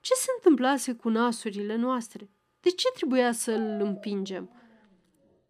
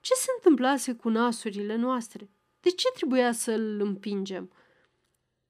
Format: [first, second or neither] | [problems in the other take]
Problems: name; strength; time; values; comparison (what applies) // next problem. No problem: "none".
second | dog barking; faint; from 3.5 to 4.5 s; peak 15 dB below the speech